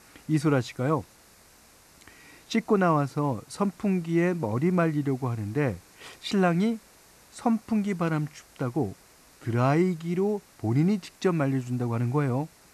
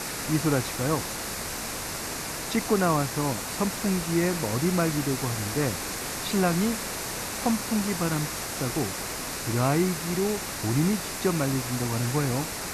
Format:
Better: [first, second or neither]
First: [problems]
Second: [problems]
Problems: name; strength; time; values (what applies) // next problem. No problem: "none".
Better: first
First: hiss; faint; throughout; 25 dB below the speech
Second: hiss; loud; throughout; 3 dB below the speech